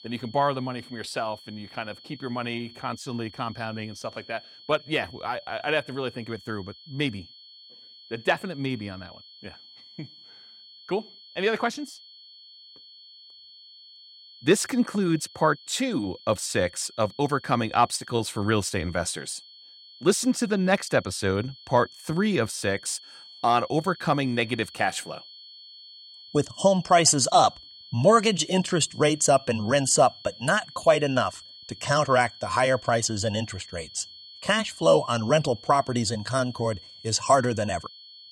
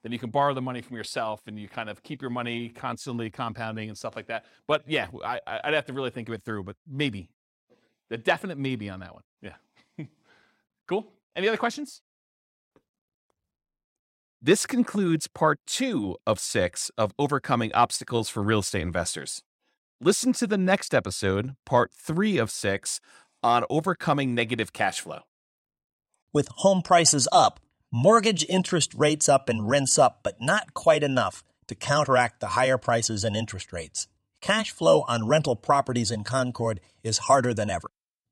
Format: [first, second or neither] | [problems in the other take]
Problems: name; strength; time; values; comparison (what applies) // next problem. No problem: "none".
second | high-pitched whine; noticeable; throughout; 4.5 kHz, 20 dB below the speech